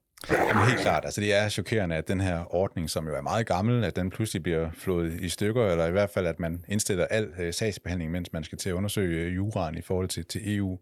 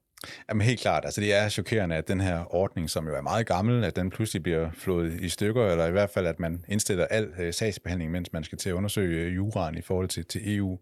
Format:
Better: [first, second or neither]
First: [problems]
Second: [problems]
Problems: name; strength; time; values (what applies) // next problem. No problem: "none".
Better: second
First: dog barking; loud; at 0.5 s; peak 4 dB above the speech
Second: none